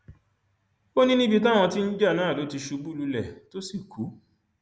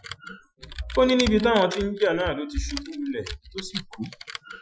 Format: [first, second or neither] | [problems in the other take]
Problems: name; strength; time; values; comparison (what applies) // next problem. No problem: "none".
first | noise reduction (classical method Wiener filter)